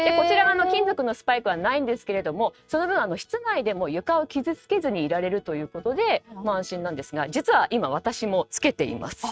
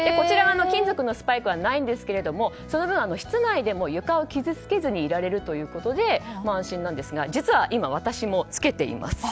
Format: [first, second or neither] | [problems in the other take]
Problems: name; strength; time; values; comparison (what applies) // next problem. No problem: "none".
second | noise reduction (neural mask model RNNoise)